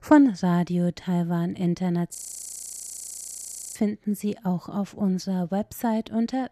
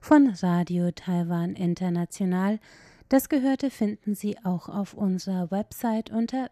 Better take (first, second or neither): second